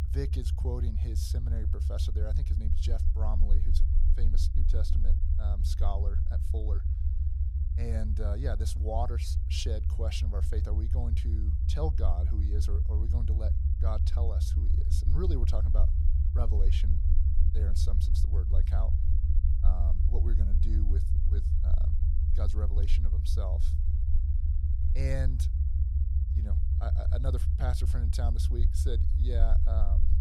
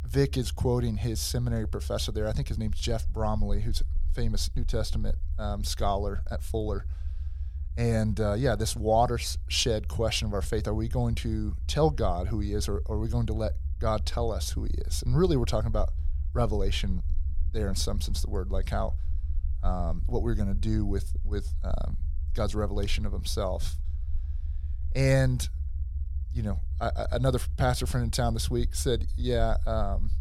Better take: second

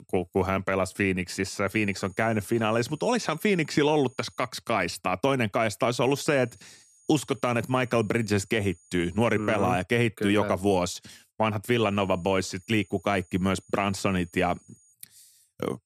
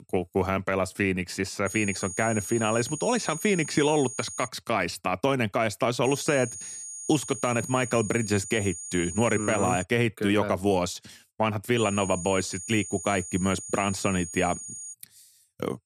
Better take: first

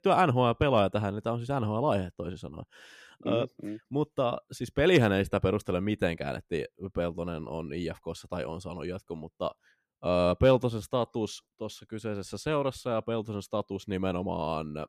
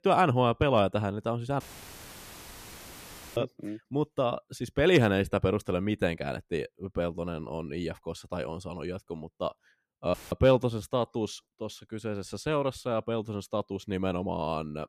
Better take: first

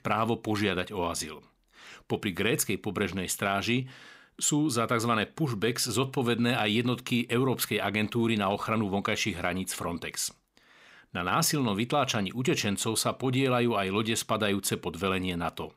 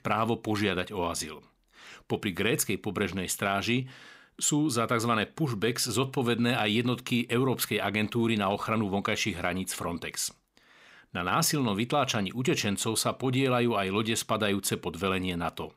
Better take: neither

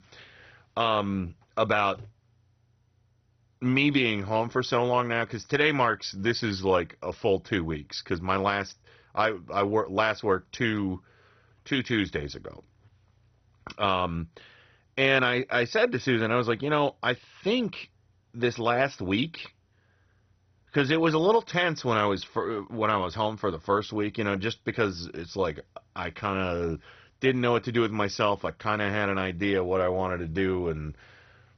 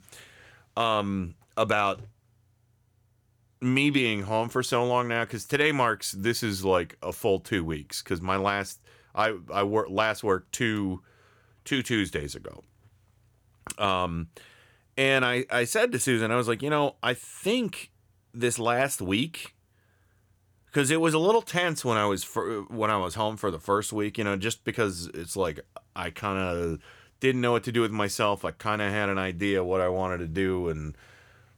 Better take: second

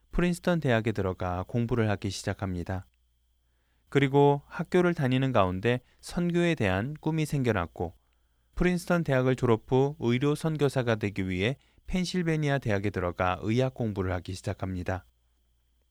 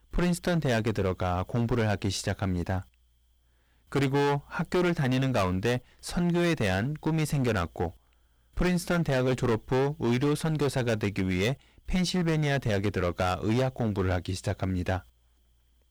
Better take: first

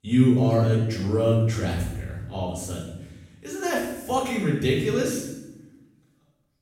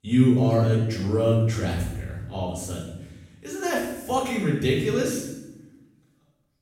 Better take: neither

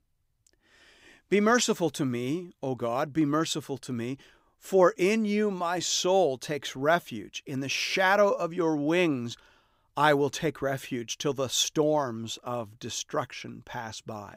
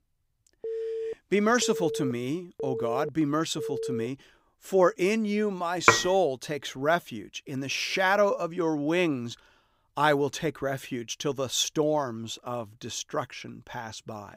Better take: first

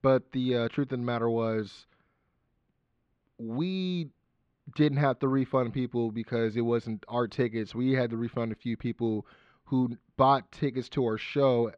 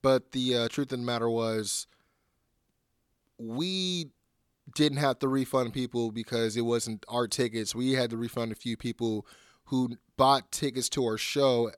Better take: second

